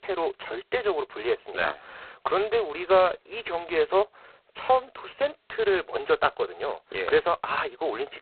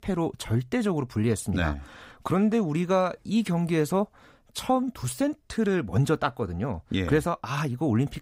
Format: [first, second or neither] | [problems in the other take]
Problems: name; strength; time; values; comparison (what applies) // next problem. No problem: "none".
second | phone-call audio; poor line; nothing above 4 kHz